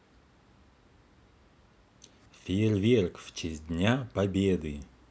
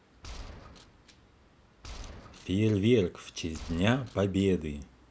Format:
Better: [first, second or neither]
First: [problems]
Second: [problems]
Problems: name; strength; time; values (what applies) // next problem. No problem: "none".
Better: first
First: none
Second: background sound (Gunshot, gunfire); 17 dB below the speech